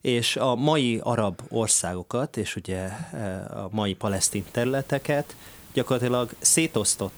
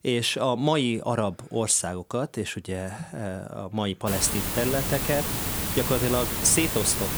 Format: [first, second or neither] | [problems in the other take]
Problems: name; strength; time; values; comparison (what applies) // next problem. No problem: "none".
first | hiss; loud; from 4 s on; 1 dB below the speech; faint in the first